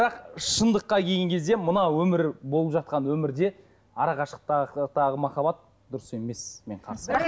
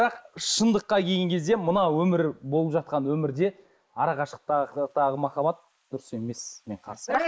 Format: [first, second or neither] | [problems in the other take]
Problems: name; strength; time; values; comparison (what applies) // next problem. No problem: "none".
first | noise reduction (neural mask model Resemble Enhance denoiser)